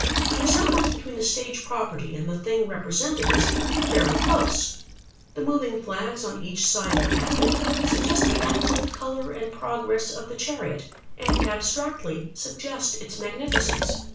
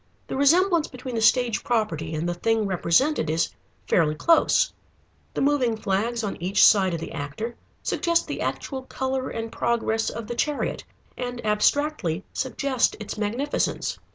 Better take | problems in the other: second | background sound (Liquid); 1 dB above the speech // room echo; dies away in 0.3 s

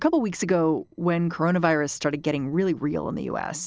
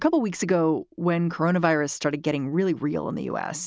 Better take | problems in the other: second | noise reduction (neural separator model SepFormer DNS4)

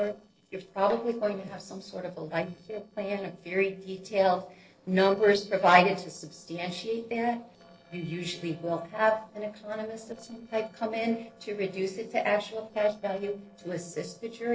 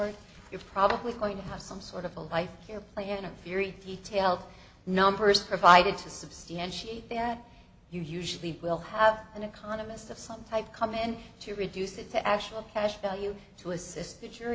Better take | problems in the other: second | noise reduction (neural separator model SepFormer DNS4)

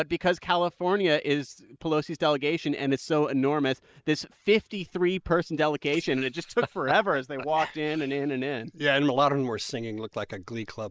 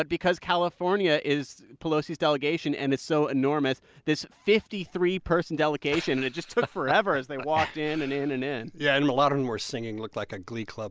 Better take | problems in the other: second | noise reduction (neural mask model Resemble Enhance denoiser)

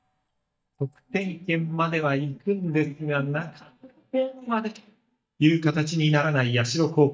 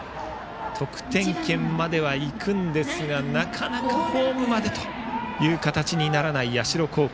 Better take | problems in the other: second | noise reduction (neural mask model DeepFilterNet 3)

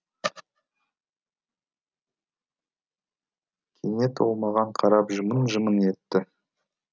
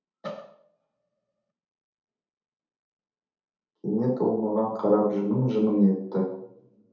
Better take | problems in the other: first | room echo; dies away in 0.8 s

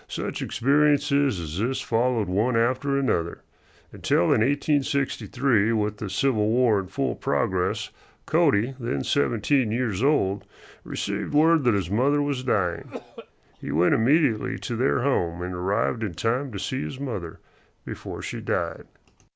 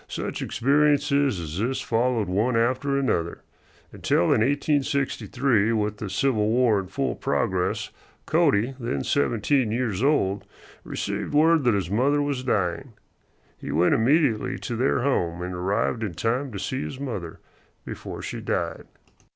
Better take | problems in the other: second | background sound (Cough); 19 dB below the speech

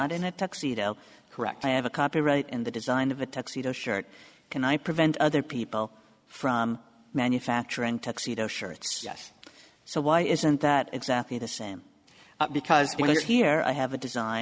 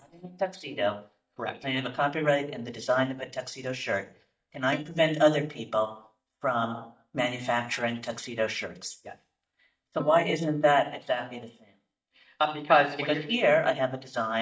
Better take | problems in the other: first | noise reduction (neural mask model DeepFilterNet 3)

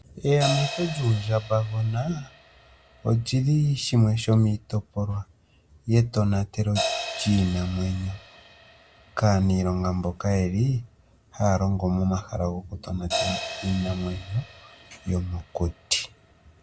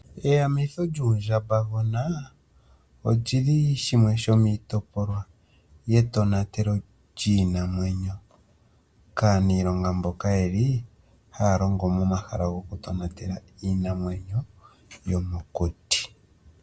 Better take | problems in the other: second | background sound (Crash cymbal); 12 dB below the speech

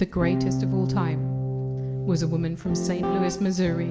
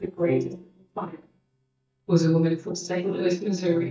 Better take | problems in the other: first | noise reduction (neural mask model DeepFilterNet 3)

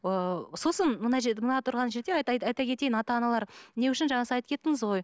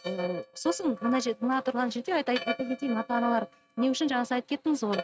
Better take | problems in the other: first | noise reduction (neural mask model RNNoise)

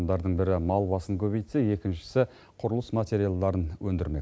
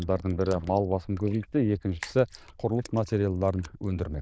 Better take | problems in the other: first | noise reduction (neural diffusion model UNIVERSE++)

